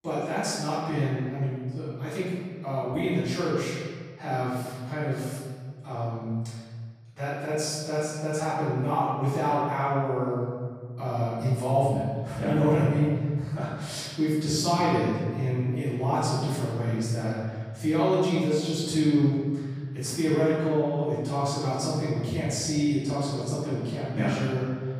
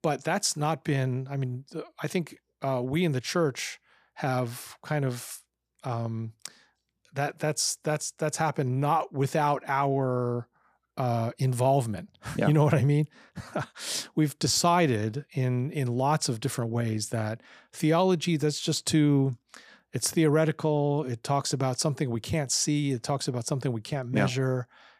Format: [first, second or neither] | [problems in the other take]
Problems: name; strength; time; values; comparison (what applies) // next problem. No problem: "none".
second | off-mic speech; far // room echo; strong; dies away in 1.6 s